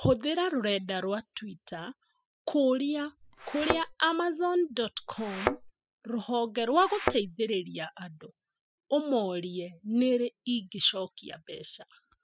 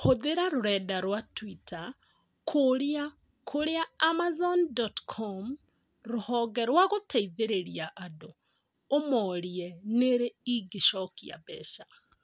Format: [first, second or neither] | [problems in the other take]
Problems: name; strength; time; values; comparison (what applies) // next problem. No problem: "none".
second | noise reduction (classical method spectral subtraction)